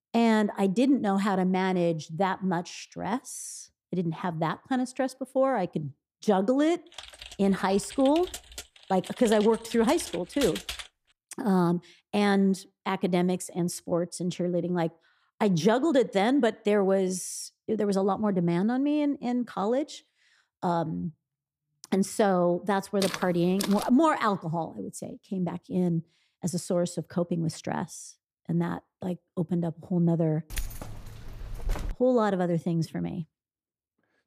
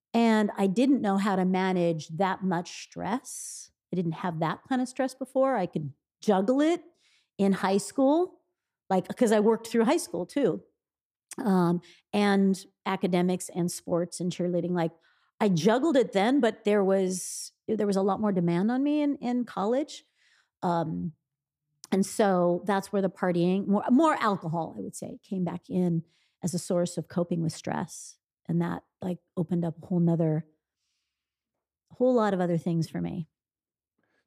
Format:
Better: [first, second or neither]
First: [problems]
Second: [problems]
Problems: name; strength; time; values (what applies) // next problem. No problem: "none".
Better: second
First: keyboard typing; noticeable; from 7 to 11 s; peak 6 dB below the speech // footsteps; noticeable; at 23 s; peak 6 dB below the speech // jangling keys; noticeable; from 31 to 32 s; peak 9 dB below the speech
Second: none